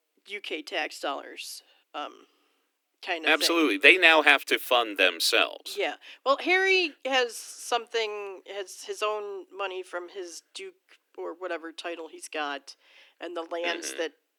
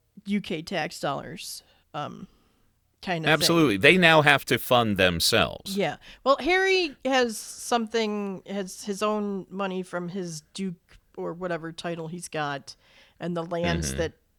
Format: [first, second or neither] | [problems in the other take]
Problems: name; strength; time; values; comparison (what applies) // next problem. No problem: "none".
second | thin; somewhat; fading below 300 Hz